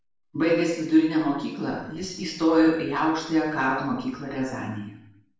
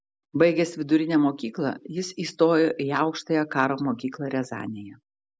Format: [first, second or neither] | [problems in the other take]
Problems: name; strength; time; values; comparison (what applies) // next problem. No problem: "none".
second | noise reduction (neural separator model SepFormer DNS4)